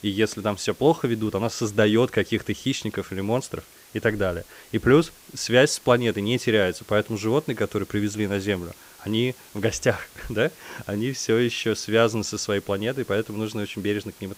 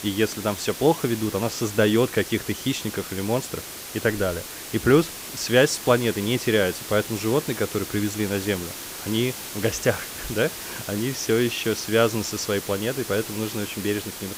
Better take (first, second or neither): first